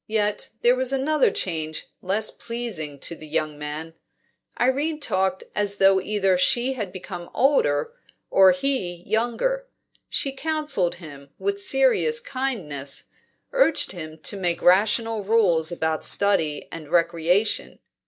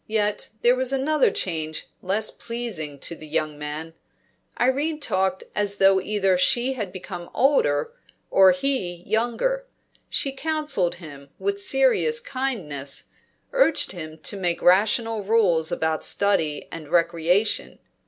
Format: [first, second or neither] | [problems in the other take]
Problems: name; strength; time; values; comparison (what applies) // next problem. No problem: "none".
second | noise reduction (neural mask model DeepFilterNet 3)